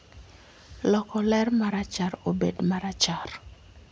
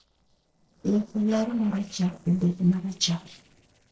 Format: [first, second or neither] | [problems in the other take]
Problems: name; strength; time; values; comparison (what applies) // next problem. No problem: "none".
first | noise reduction (neural separator model SepFormer DNS4)